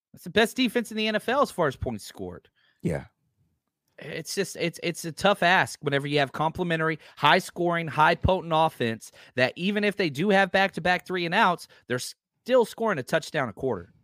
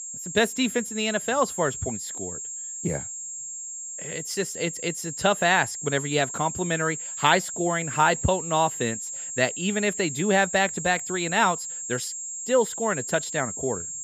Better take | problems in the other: first | high-pitched whine; loud; throughout; 7.5 kHz, 7 dB below the speech

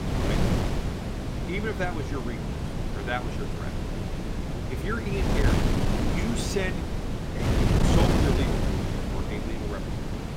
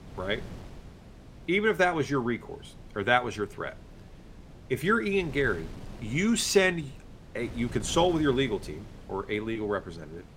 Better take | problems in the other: second | wind noise on the microphone; heavy; 2 dB above the speech; occasional gusts in the second

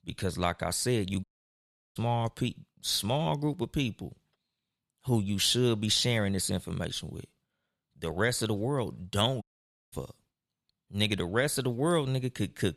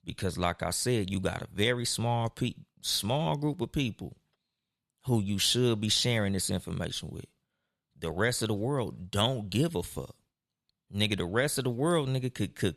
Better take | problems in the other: second | audio cutting out; at 1 s for 0.5 s and at 9.5 s for 0.5 s

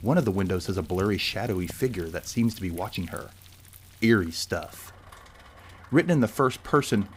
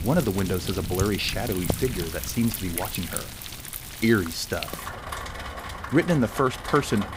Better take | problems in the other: first | rain or running water; loud; throughout; 7 dB below the speech; faint in the first

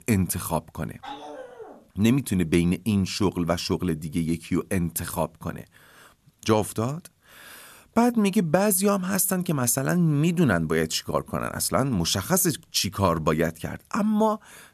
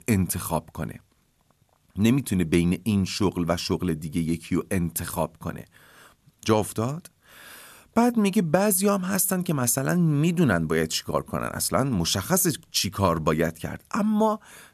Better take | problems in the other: second | dog barking; faint; at 1 s; peak 15 dB below the speech

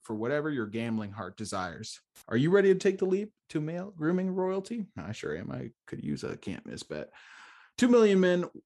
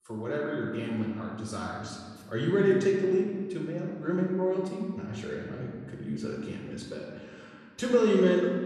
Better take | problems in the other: first | off-mic speech; far // room echo; noticeable; dies away in 1.7 s

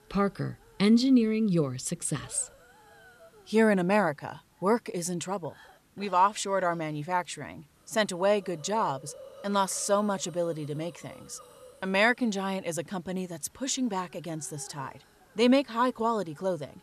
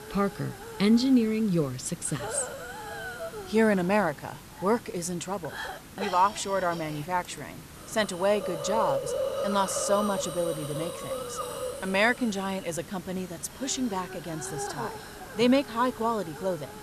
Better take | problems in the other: first | hiss; loud; throughout; 9 dB below the speech; faint in the first

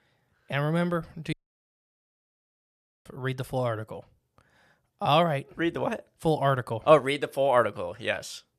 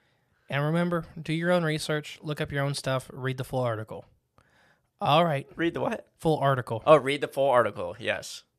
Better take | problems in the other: second | audio cutting out; at 1.5 s for 1.5 s

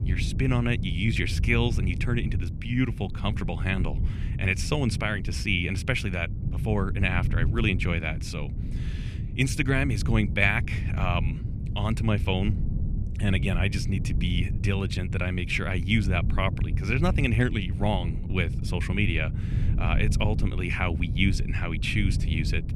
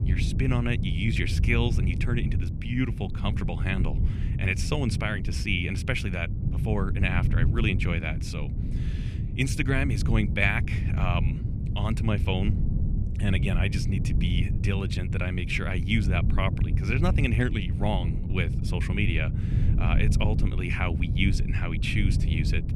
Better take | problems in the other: first | wind noise on the microphone; heavy; 10 dB below the speech; occasional gusts in the first

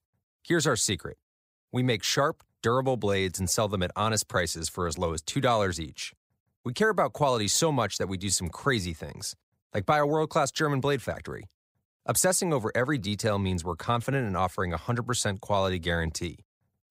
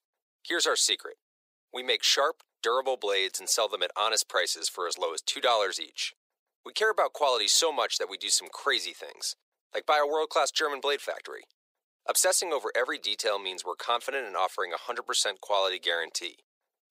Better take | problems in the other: first | thin; very; fading below 400 Hz

